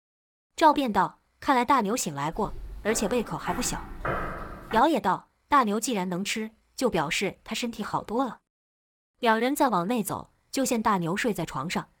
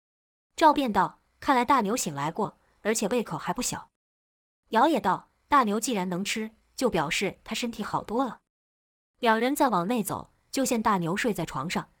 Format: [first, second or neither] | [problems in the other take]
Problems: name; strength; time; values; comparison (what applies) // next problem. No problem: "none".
second | footsteps; noticeable; from 2.5 to 5 s; peak 4 dB below the speech